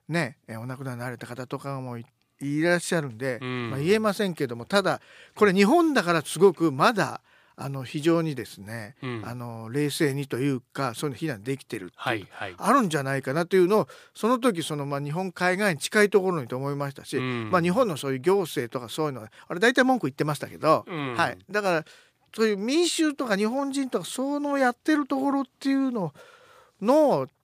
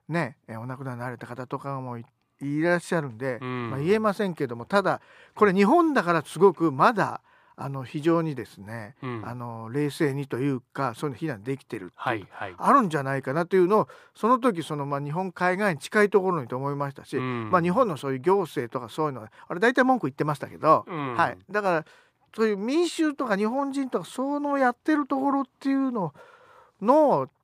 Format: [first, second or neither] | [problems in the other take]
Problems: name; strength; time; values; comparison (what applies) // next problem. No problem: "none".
first | muffled; slightly; fading above 2.5 kHz